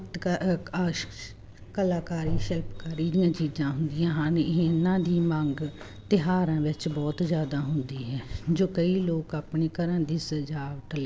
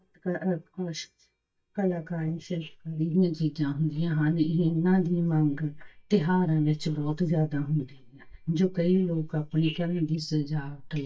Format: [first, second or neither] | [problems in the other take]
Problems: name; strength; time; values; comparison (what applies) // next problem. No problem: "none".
first | noise reduction (neural mask model DeepFilterNet 3)